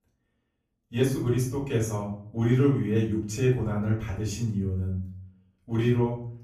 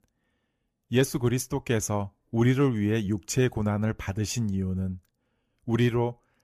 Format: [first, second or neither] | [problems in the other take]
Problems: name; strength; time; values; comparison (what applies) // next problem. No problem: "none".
second | off-mic speech; far // room echo; noticeable; dies away in 0.6 s